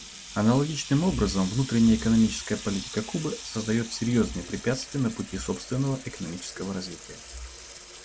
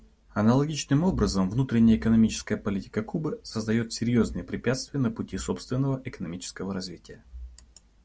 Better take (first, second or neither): second